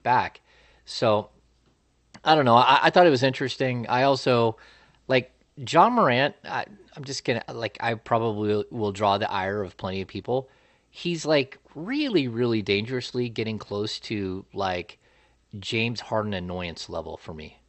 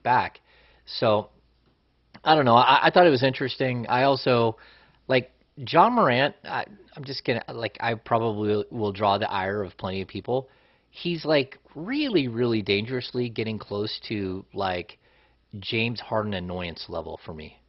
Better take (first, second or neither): first